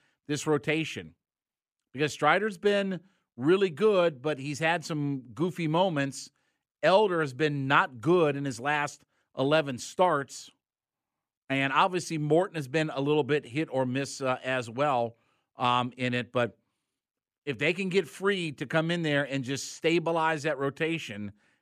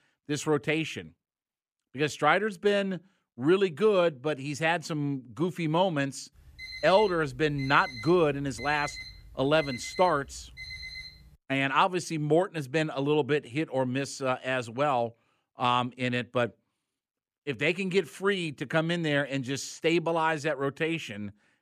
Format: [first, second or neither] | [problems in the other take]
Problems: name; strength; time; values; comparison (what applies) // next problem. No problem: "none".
first | alarm; faint; from 6.5 to 11 s; peak 10 dB below the speech